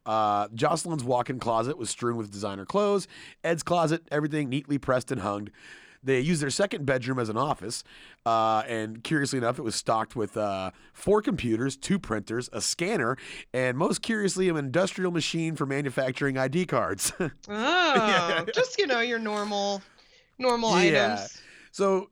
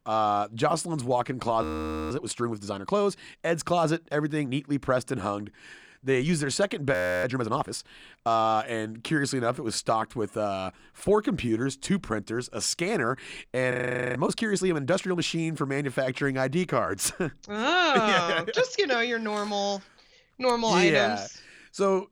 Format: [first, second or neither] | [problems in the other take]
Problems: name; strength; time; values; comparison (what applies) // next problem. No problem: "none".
first | audio freezing; at 1.5 s, at 7 s and at 14 s